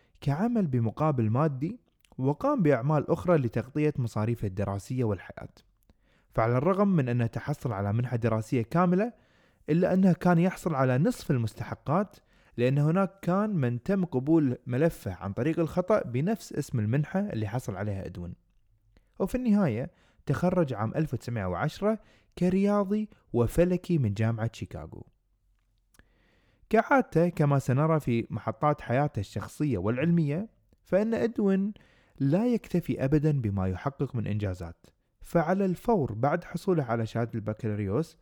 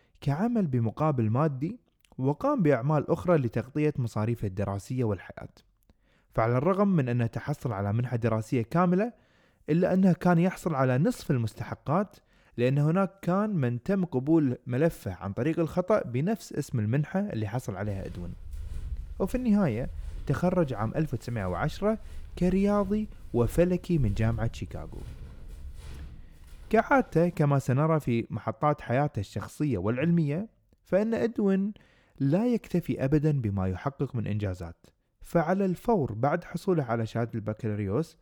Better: first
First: none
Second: footsteps; faint; from 18 to 27 s; peak 10 dB below the speech

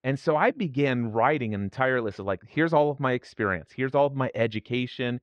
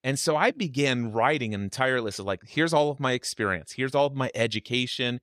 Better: second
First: muffled; very; fading above 2 kHz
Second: none

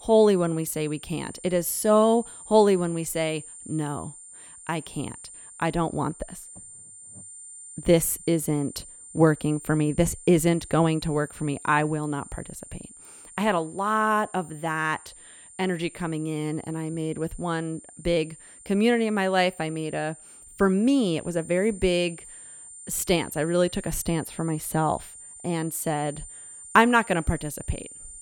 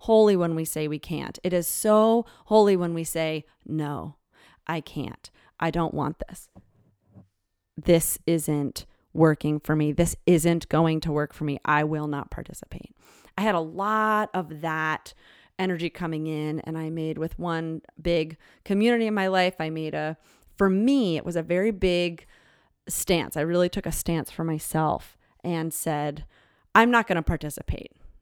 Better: second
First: high-pitched whine; noticeable; throughout; 9 kHz, 15 dB below the speech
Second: none

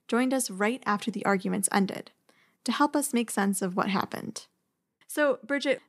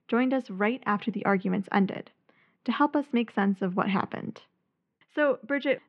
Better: first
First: none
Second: muffled; very; fading above 3 kHz

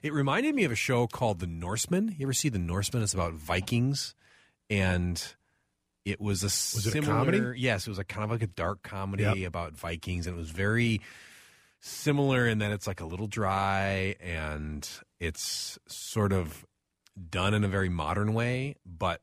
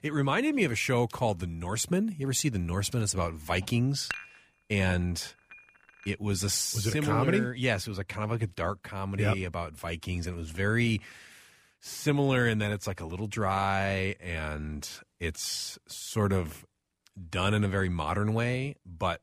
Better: first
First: none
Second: clattering dishes; noticeable; at 4 s; peak 8 dB below the speech

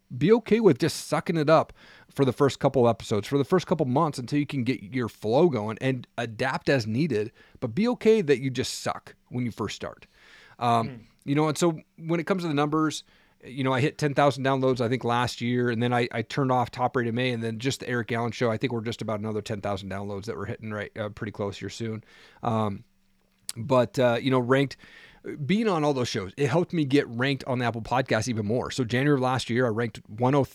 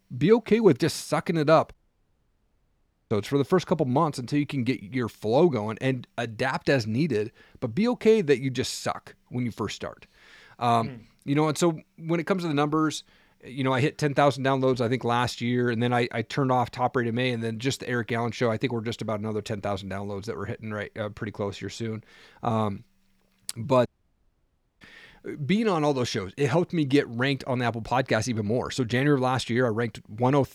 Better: first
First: none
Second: audio cutting out; at 1.5 s for 1.5 s and at 24 s for 1 s

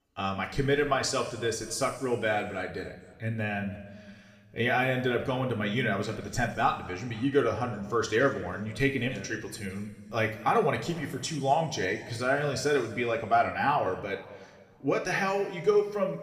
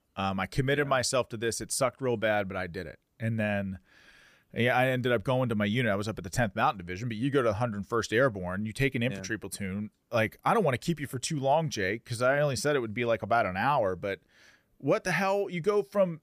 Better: second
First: room echo; slight; dies away in 1.8 s // off-mic speech; somewhat distant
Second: none

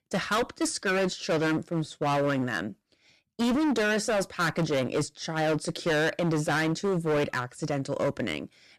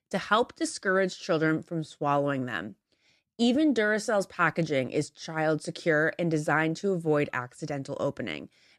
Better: second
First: distortion; heavy; 19% of the sound clipped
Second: none

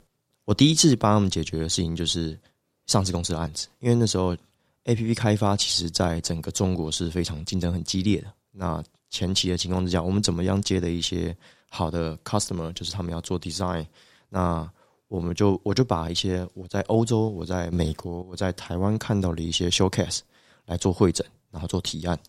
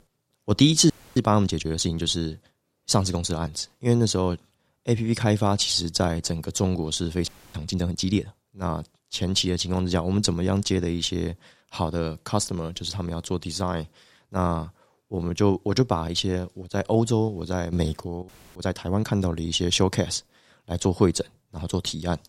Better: first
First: none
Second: audio freezing; at 1 s, at 7.5 s and at 18 s

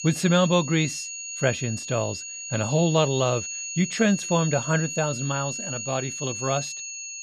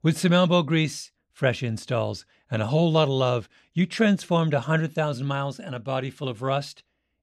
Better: second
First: high-pitched whine; loud; throughout; 6.5 kHz, 6 dB below the speech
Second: none

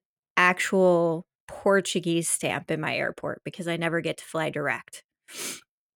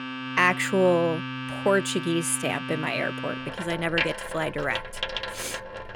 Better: first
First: none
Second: household noises; loud; throughout; 6 dB below the speech

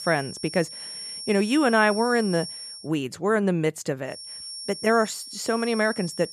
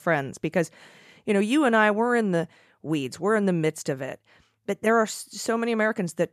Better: second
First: high-pitched whine; noticeable; until 3 s and from 4 s on; 5.5 kHz, 10 dB below the speech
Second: none

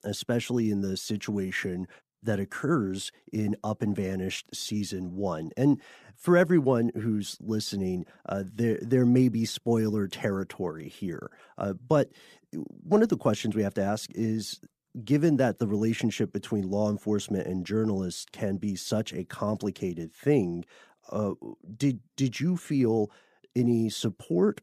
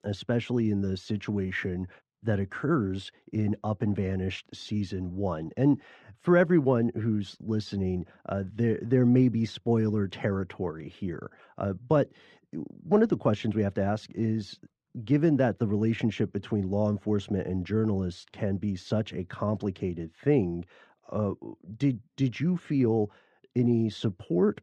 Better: first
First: none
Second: muffled; slightly; fading above 3.5 kHz

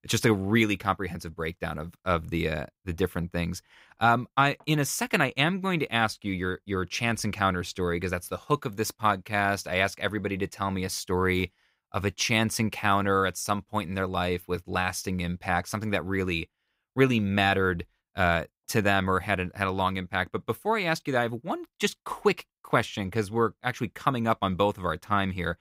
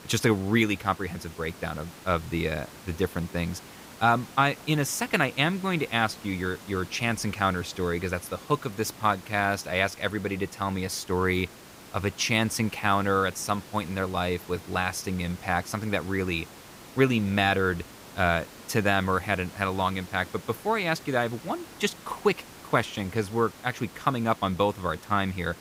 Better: first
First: none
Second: hiss; noticeable; throughout; 20 dB below the speech

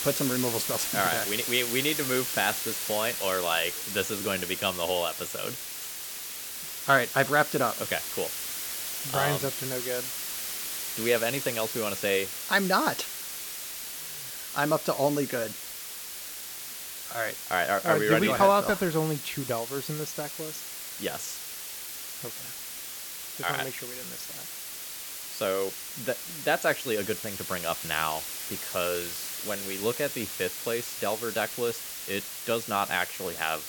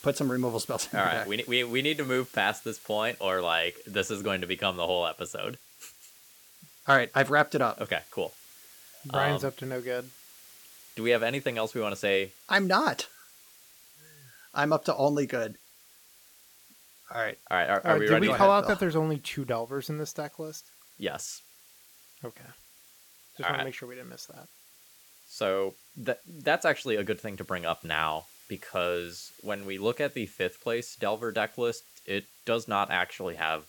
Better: second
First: hiss; loud; throughout; 4 dB below the speech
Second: hiss; faint; throughout; 25 dB below the speech

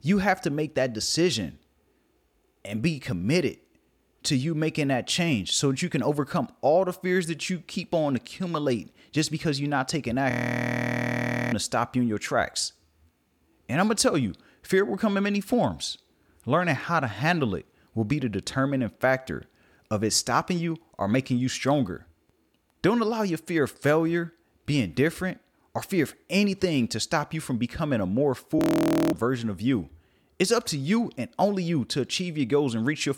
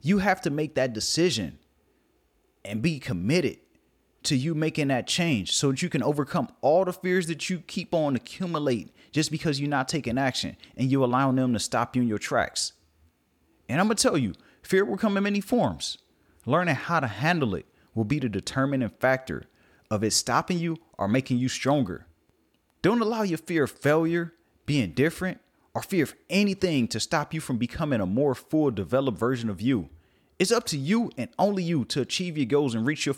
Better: second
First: audio freezing; at 10 s for 1 s and at 29 s for 0.5 s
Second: none

